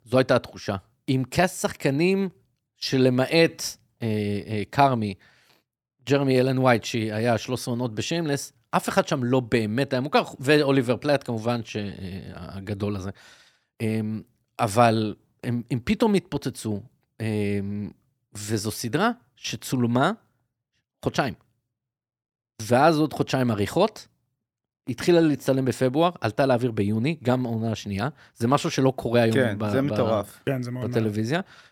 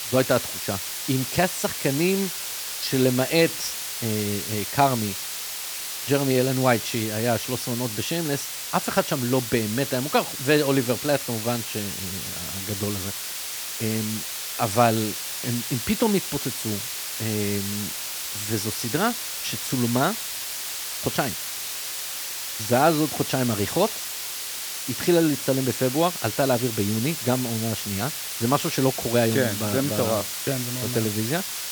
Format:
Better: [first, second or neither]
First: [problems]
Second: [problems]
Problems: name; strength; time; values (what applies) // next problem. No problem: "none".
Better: first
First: none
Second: hiss; loud; throughout; 4 dB below the speech